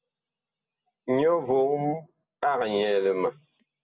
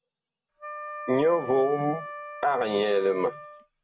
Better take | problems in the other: first | background sound (Wind instrument, woodwind instrument); 12 dB below the speech

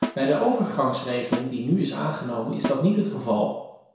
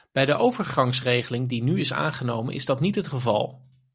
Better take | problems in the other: second | background sound (Snare drum); 10 dB below the speech // room echo; dies away in 0.7 s

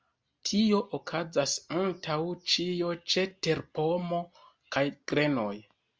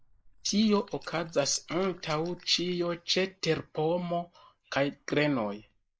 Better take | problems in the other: first | noise reduction (neural mask model Resemble Enhance denoiser)

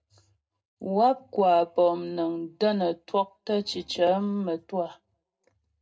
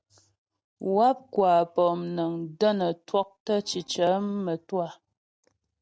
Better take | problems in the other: second | room echo; dies away in 0.2 s

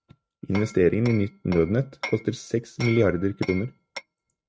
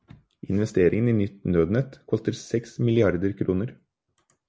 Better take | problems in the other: second | noise reduction (neural mask model RNNoise)

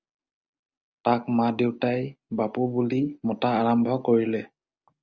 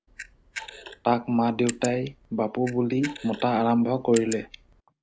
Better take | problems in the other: first | background sound (Camera); 15 dB below the speech

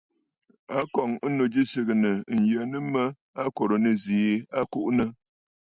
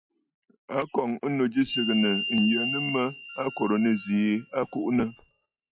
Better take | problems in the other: first | noise reduction (classical method log-MMSE)

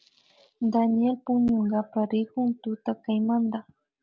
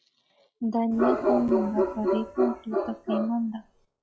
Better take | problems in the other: first | noise reduction (classical method log-MMSE)

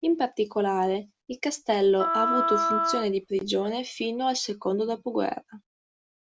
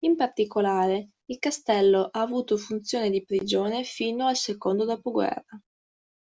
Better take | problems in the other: second | background sound (Wind instrument, woodwind instrument); as loud as the speech

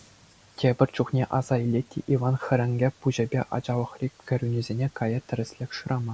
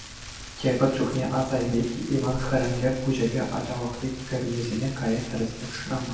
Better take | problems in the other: first | background sound (Rain); 12 dB below the speech // room echo; dies away in 0.9 s

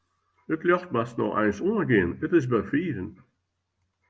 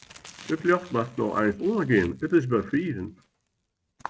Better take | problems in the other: first | noise reduction (neural mask model RNNoise)

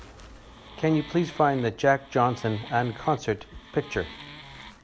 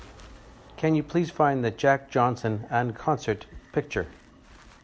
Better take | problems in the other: second | background sound (Wood); 19 dB below the speech

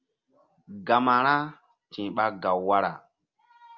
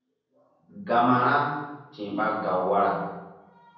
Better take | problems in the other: first | room echo; dies away in 1.1 s

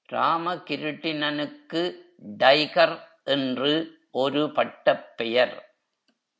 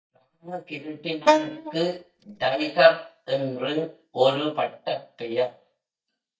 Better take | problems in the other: first | noise reduction (neural mask model DeepFilterNet 3)

